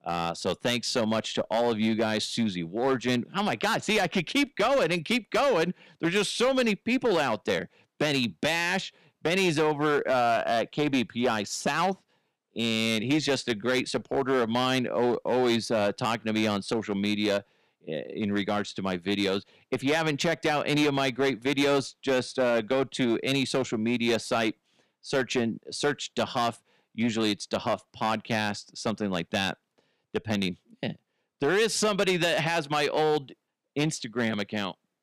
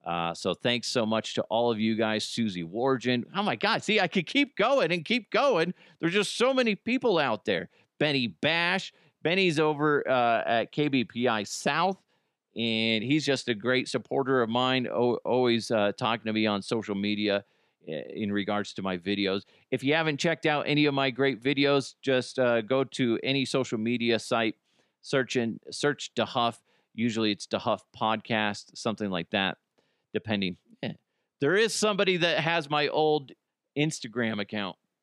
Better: second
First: distortion; slight; 7% of the sound clipped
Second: none

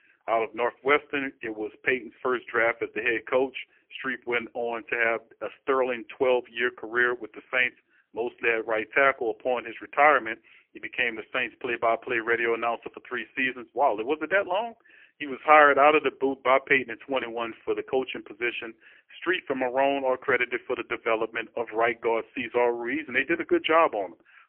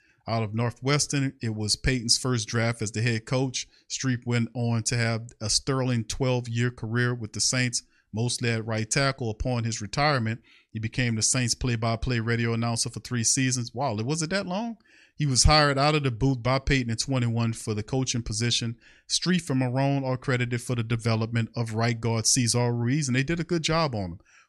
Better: second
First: phone-call audio; poor line; nothing above 3 kHz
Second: none

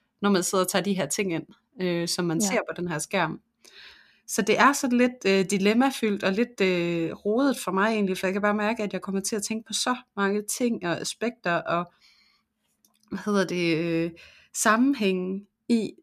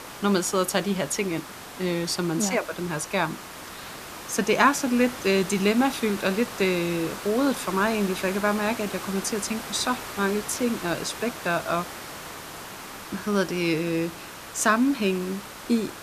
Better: first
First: none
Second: hiss; noticeable; throughout; 10 dB below the speech

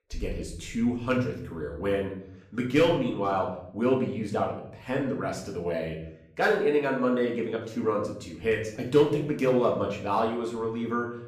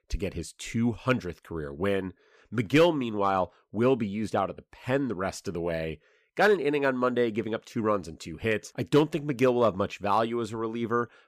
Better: second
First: room echo; slight; dies away in 0.6 s // off-mic speech; far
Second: none

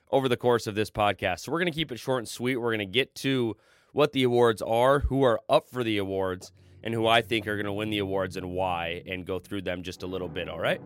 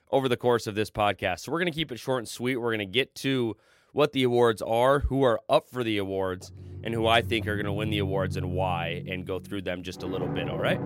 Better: first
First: background music; faint; from 7 s on; 20 dB below the speech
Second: background music; loud; from 7 s on; 8 dB below the speech

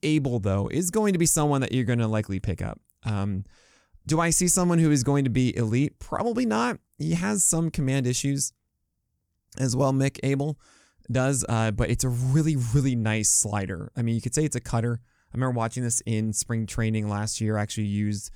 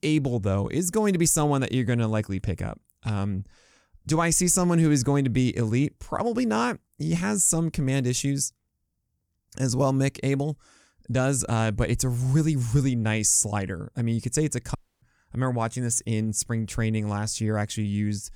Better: first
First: none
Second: audio cutting out; at 15 s

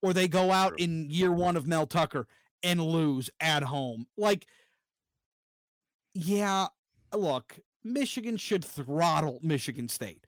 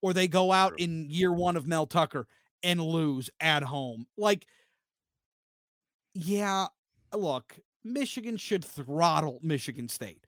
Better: second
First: distortion; slight; 10 dB below the speech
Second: none

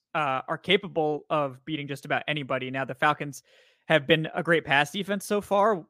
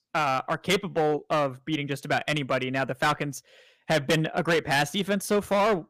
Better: first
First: none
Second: distortion; heavy; 9% of the sound clipped

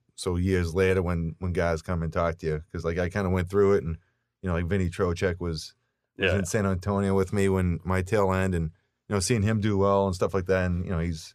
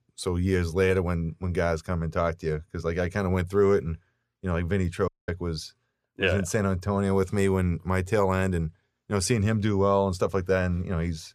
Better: first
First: none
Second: audio cutting out; at 5 s

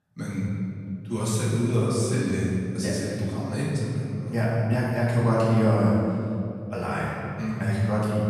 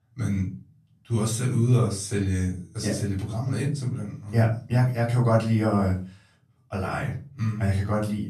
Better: second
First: room echo; strong; dies away in 2.4 s // off-mic speech; far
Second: room echo; slight; dies away in 0.3 s // off-mic speech; far

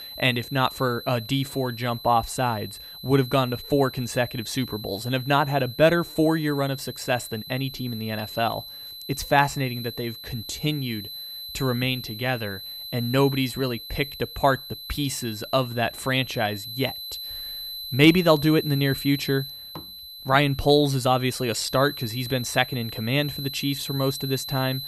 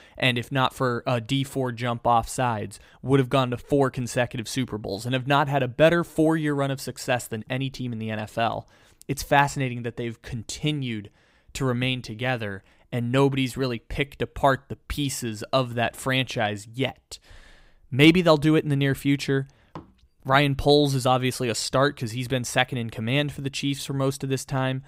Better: second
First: high-pitched whine; noticeable; throughout; 4 kHz, 10 dB below the speech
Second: none

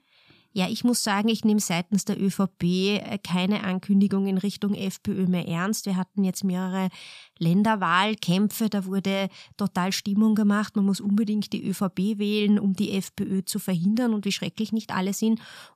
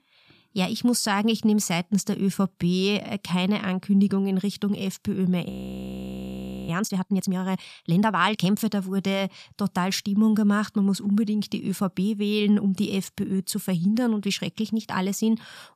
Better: first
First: none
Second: audio freezing; at 5.5 s for 1 s

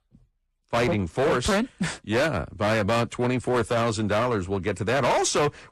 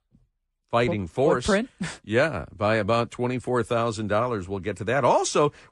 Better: second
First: distortion; heavy; 17% of the sound clipped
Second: none

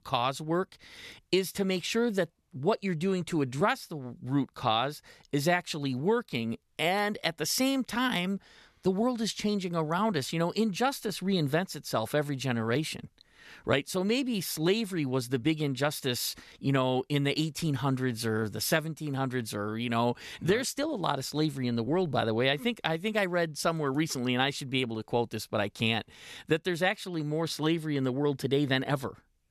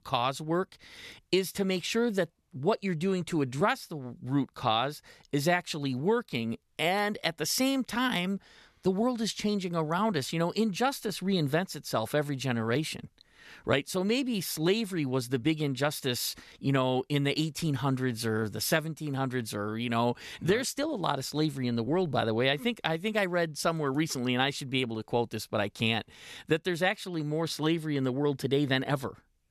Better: neither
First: none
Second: none

